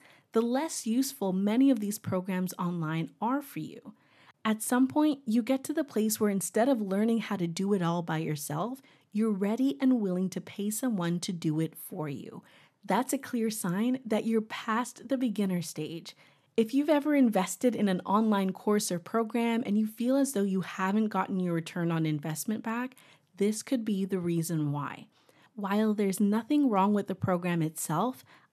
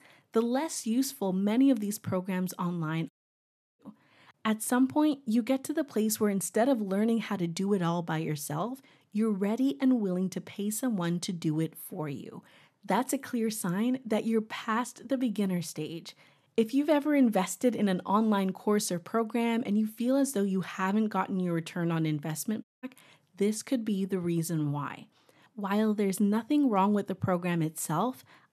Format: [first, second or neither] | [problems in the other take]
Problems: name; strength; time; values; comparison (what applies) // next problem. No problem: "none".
first | audio cutting out; at 3 s for 0.5 s and at 23 s